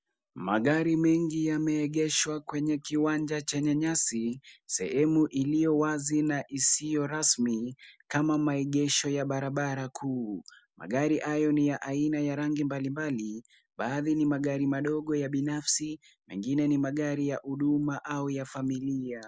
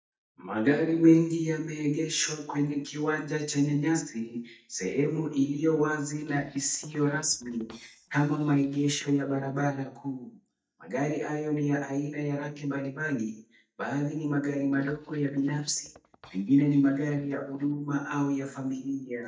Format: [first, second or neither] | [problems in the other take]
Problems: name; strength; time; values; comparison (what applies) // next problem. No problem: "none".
first | noise reduction (neural mask model DeepFilterNet 3)